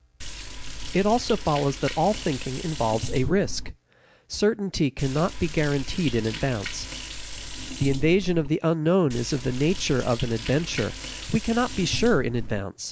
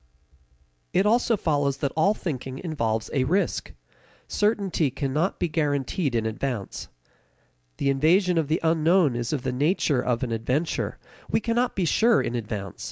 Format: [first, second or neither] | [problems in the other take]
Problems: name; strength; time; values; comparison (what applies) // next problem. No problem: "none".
second | background sound (Liquid); 7 dB below the speech